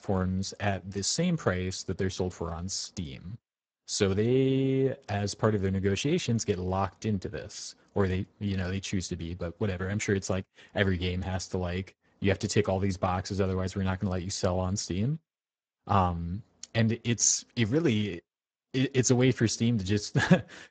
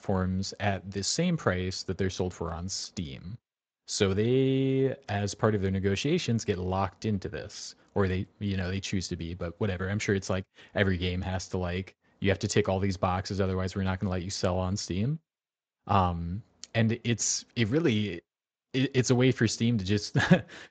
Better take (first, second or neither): second